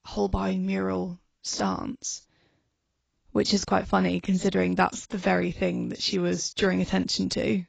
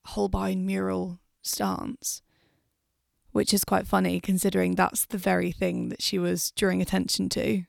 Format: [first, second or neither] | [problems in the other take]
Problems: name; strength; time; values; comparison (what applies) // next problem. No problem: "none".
second | garbled, watery; badly; nothing above 7.5 kHz